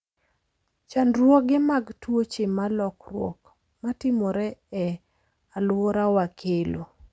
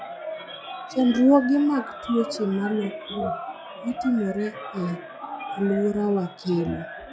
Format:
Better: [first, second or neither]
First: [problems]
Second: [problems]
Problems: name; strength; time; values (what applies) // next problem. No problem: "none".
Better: first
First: none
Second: noise reduction (classical method log-MMSE)